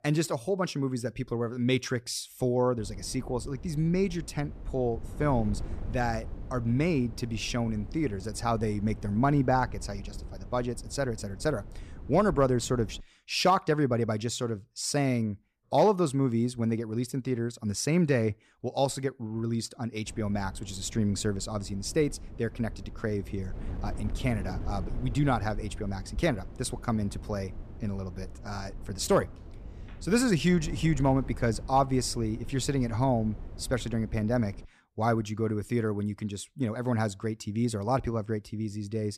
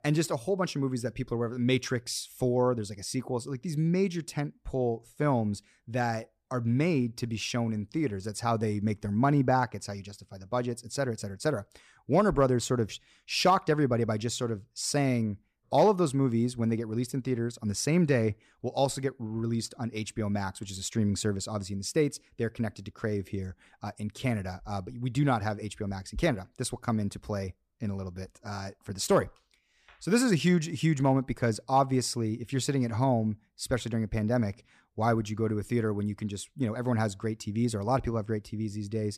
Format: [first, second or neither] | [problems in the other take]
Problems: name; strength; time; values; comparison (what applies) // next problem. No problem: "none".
second | wind noise on the microphone; occasional gusts; from 3 to 13 s and from 20 to 35 s; 20 dB below the speech